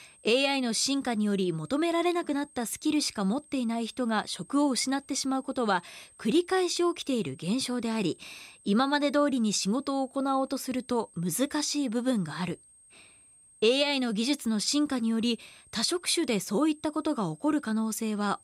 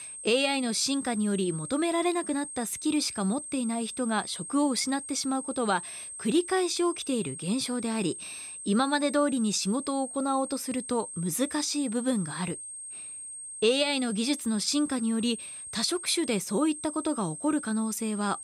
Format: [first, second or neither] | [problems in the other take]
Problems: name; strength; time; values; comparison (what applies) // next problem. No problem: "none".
first | high-pitched whine; loud; throughout; 8.5 kHz, 9 dB below the speech; faint in the first